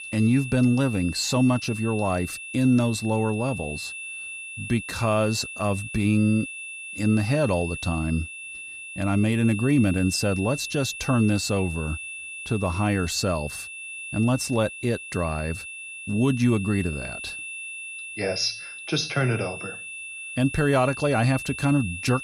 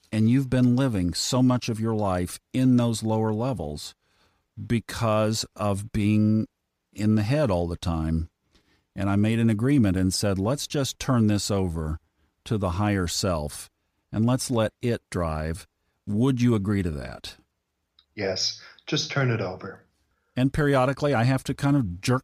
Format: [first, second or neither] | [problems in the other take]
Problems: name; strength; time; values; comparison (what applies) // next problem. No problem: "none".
second | high-pitched whine; loud; throughout; 2.5 kHz, 10 dB below the speech